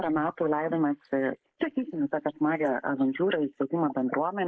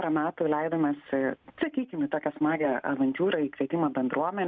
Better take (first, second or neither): second